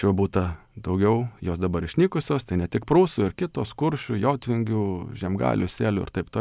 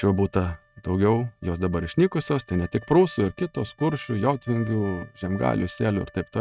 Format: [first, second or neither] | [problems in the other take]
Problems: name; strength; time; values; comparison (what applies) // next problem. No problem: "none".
first | noise reduction (neural mask model RNNoise)